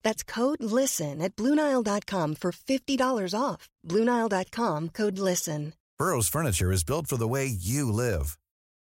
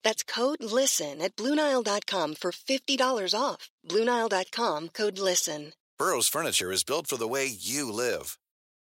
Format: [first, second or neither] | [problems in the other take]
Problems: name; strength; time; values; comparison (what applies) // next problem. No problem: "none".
first | thin; somewhat; fading below 400 Hz